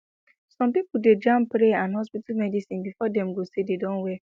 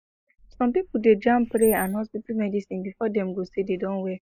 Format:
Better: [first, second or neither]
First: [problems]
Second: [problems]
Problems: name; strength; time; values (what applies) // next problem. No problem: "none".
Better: first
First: none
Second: noise reduction (neural mask model Resemble Enhance denoiser)